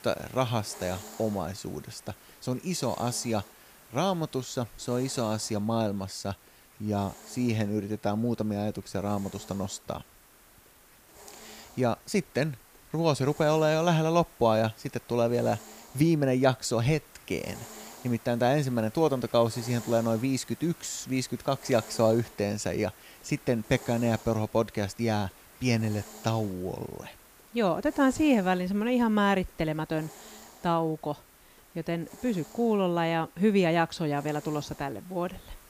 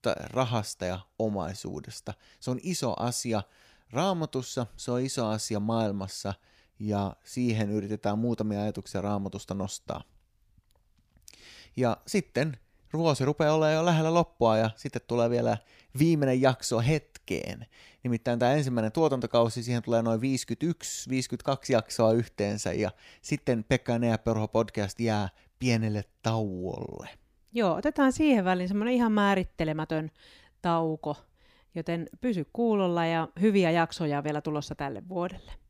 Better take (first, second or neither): second